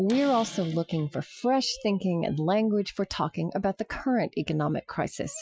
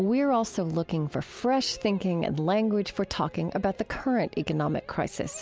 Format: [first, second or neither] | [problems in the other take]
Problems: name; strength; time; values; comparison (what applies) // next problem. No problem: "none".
second | noise reduction (classical method Wiener filter)